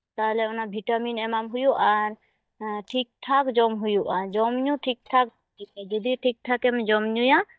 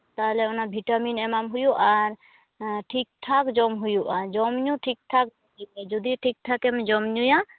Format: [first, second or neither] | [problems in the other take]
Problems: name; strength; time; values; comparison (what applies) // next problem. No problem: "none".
second | noise reduction (neural mask model DeepFilterNet 3)